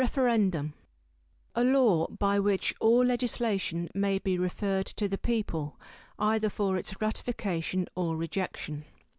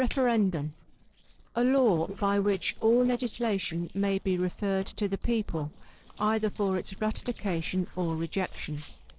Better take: first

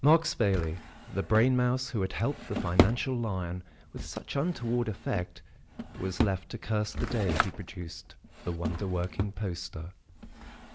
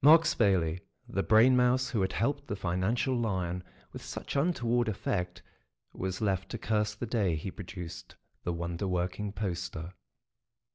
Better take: second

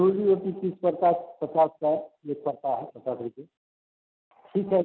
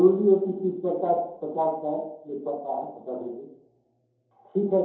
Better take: first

